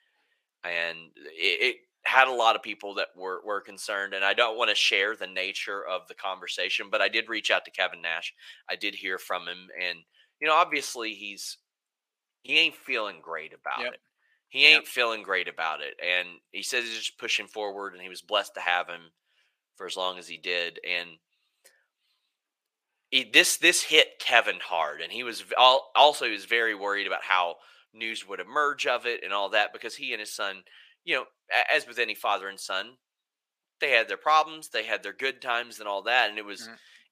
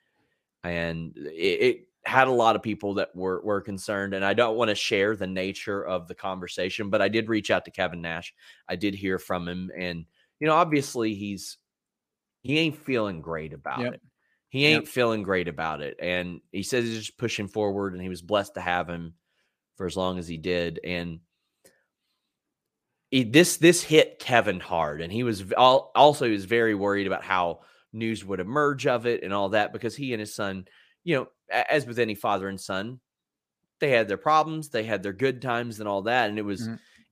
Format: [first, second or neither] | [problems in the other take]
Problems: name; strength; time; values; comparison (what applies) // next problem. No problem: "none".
second | thin; very; fading below 650 Hz